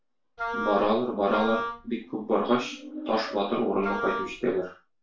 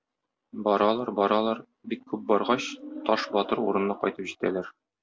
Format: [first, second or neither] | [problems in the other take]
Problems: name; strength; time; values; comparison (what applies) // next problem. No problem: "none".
second | background sound (Wind instrument, woodwind instrument); 6 dB below the speech // room echo; dies away in 0.3 s